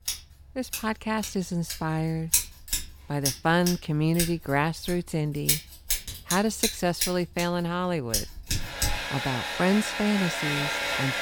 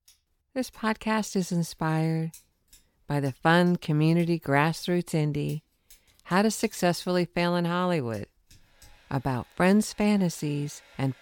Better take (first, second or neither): second